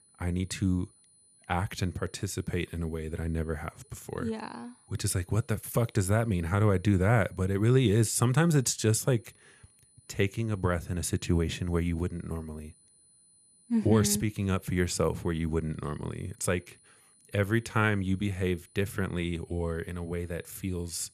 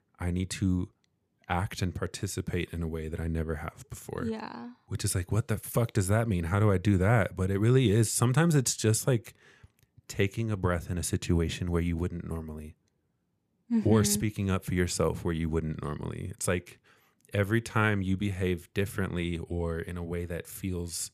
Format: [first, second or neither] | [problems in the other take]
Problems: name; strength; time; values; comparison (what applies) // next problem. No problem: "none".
second | high-pitched whine; faint; throughout; 9.5 kHz, 30 dB below the speech